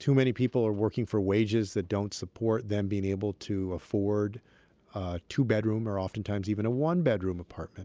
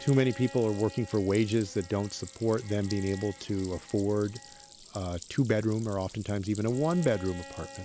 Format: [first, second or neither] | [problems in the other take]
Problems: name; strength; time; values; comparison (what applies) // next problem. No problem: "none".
first | background sound (Stream + Bowed string instrument); 17 dB below the speech